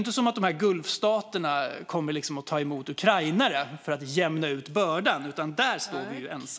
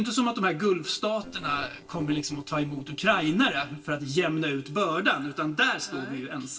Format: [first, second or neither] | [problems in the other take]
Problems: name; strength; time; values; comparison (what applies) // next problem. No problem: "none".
first | noise reduction (neural separator model SepFormer DNS4)